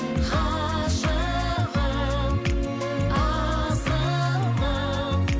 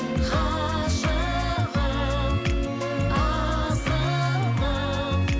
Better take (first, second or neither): first